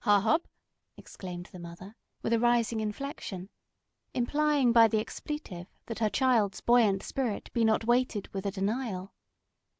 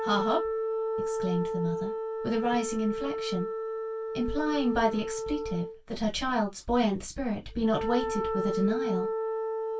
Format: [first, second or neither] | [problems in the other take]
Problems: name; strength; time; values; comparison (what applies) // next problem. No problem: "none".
first | background sound (Wind instrument, woodwind instrument); 2 dB below the speech // room echo; dies away in 0.1 s